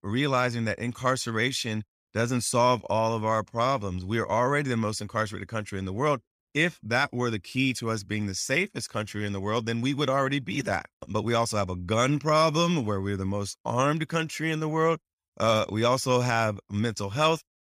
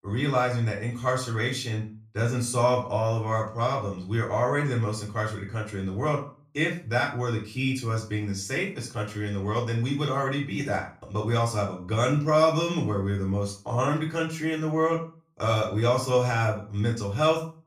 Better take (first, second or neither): first